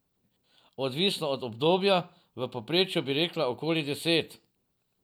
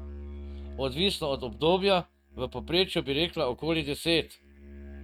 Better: first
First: none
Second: noise reduction (neural mask model RNNoise)

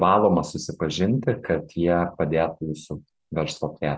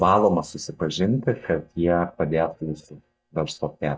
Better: first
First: none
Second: noise reduction (neural mask model DeepFilterNet 3)

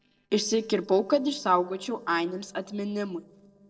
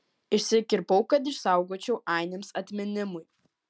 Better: second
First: noise reduction (neural separator model SepFormer DNS4)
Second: none

